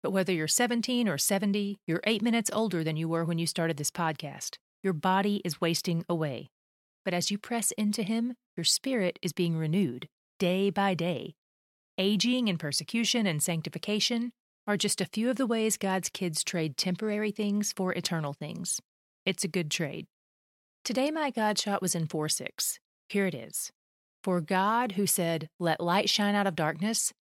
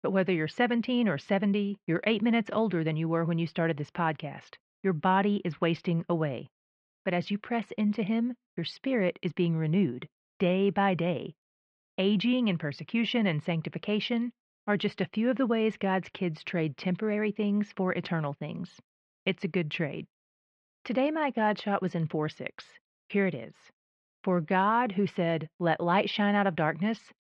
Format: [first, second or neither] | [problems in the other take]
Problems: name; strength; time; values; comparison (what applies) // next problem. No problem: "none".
first | muffled; very; fading above 3 kHz